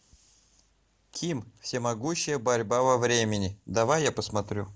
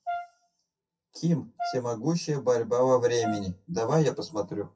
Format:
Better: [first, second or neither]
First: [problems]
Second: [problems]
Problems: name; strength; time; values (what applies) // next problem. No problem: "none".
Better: first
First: none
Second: noise reduction (classical method WPE with log-MMSE)